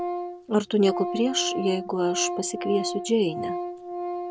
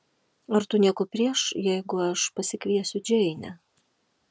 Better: second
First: background sound (Organ); 5 dB below the speech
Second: none

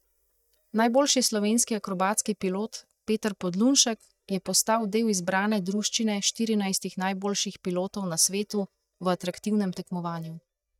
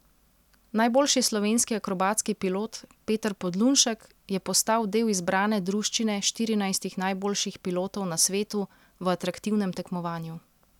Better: second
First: noise reduction (neural mask model DeepFilterNet 3)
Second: none

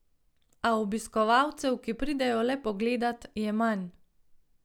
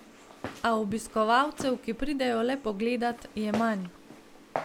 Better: first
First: none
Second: background sound (Walk, footsteps); 13 dB below the speech

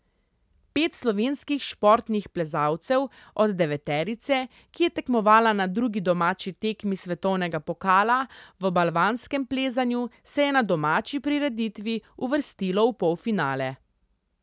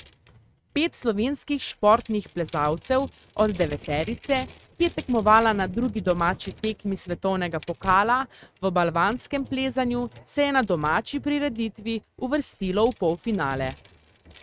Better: first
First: none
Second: noise reduction (neural mask model RNNoise)

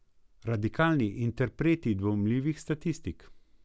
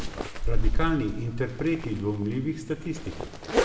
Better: first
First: none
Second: background sound (Zipper (clothing)); 2 dB above the speech // room echo; dies away in 1.4 s

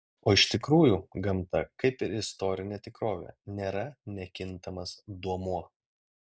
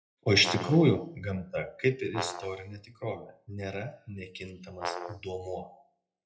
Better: first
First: none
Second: noise reduction (classical method WPE with log-MMSE)

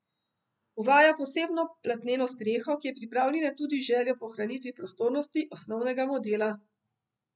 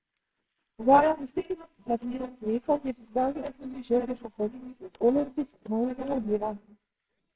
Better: first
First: none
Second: noise reduction (neural separator model SepFormer WHAMR!)

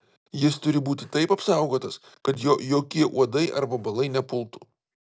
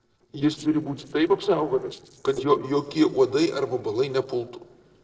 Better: first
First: none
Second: noise reduction (neural separator model SepFormer DNS4)

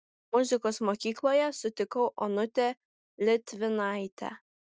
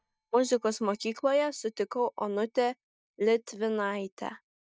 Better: first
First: none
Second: noise reduction (neural mask model DeepFilterNet 3)

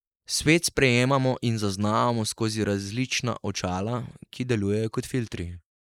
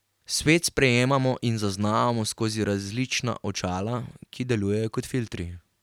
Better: second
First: noise reduction (neural mask model Resemble Enhance denoiser)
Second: none

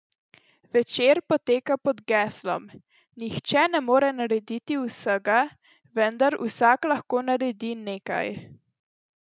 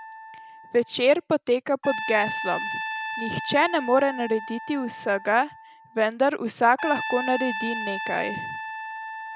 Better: first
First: none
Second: background sound (Trumpet); 8 dB below the speech

